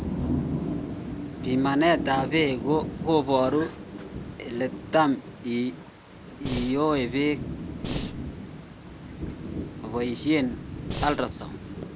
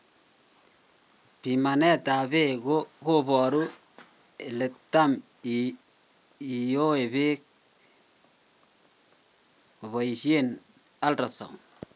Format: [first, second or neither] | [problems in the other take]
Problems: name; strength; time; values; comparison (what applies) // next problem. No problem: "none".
second | background sound (Thunder / Rain + Breathing); 6 dB below the speech